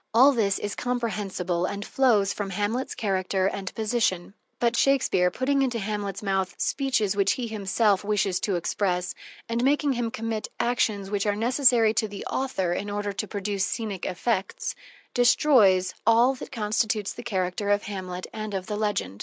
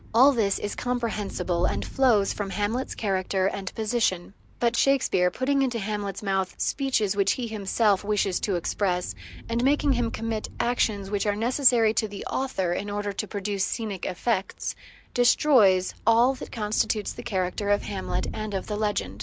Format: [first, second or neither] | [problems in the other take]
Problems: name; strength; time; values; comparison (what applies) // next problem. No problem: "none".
first | background sound (Thunder / Rain); 11 dB below the speech